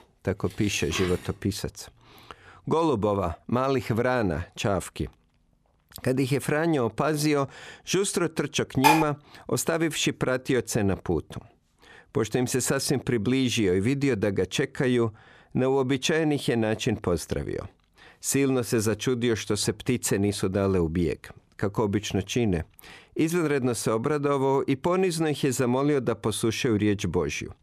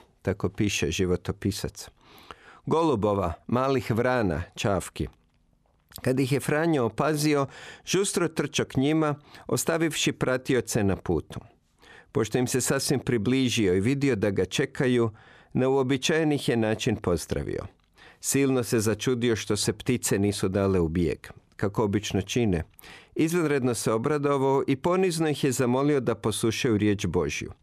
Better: second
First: clattering dishes; noticeable; at 0.5 s; peak 8 dB below the speech // clattering dishes; loud; at 9 s; peak 4 dB above the speech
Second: none

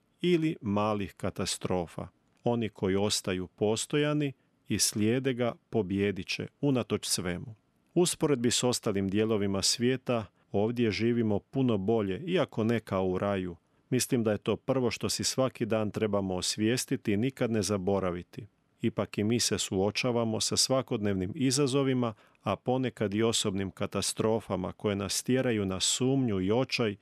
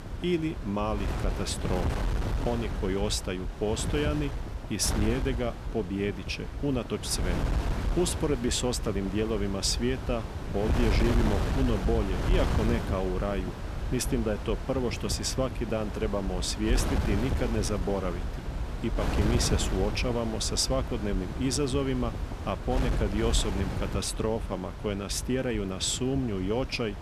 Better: first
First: none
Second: wind noise on the microphone; heavy; 7 dB below the speech

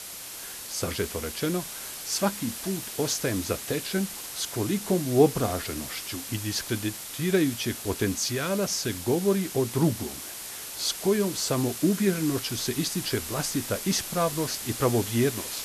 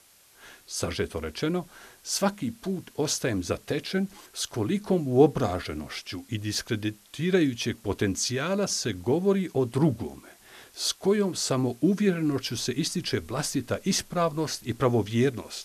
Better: second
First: hiss; loud; throughout; 7 dB below the speech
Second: hiss; faint; throughout; 25 dB below the speech

